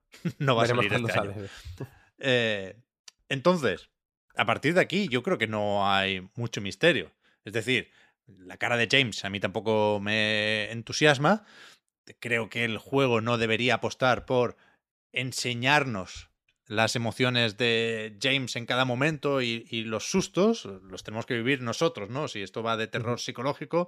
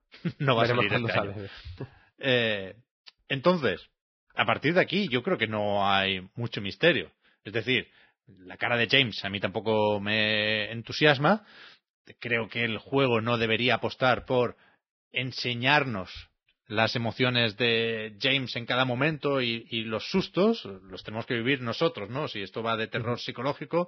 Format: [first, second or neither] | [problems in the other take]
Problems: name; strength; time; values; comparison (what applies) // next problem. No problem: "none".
first | garbled, watery; badly; nothing above 5.5 kHz